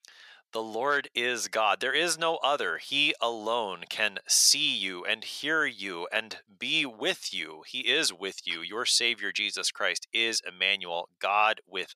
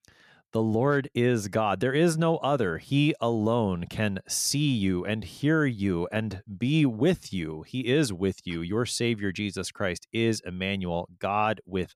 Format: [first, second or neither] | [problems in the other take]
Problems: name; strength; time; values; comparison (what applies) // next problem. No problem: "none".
second | thin; very; fading below 700 Hz